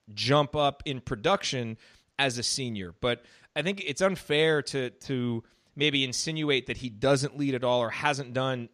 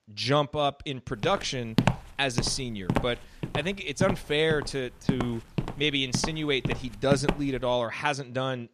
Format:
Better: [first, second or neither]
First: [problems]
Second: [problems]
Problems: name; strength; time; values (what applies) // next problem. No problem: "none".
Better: first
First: none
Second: footsteps; loud; from 1 to 7.5 s; peak 2 dB above the speech